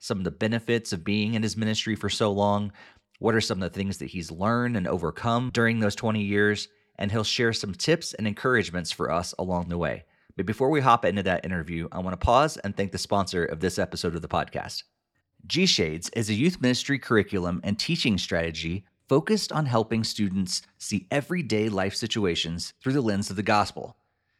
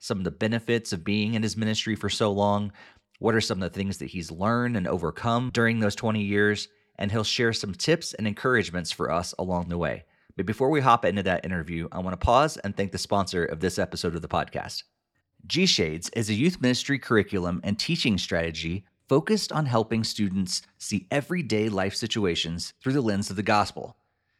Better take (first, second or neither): neither